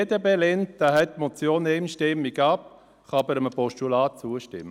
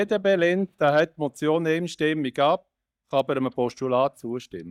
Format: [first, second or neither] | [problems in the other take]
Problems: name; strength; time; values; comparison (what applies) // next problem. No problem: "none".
first | noise reduction (neural mask model DeepFilterNet 3)